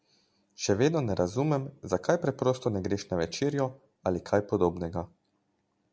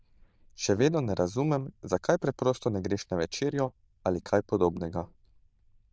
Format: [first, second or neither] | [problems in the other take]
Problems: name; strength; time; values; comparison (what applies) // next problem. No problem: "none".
first | noise reduction (neural diffusion model UNIVERSE++)